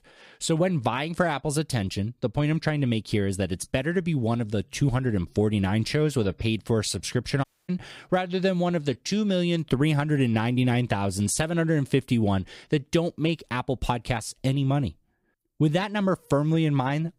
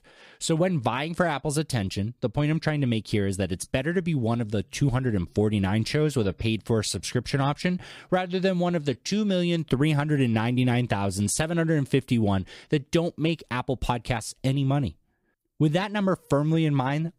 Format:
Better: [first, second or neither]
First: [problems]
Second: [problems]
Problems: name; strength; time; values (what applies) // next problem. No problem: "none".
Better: second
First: audio cutting out; at 7.5 s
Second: none